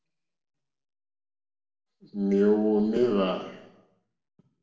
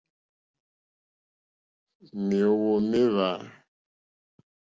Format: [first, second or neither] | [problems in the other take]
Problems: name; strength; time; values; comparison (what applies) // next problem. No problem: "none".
second | room echo; dies away in 0.8 s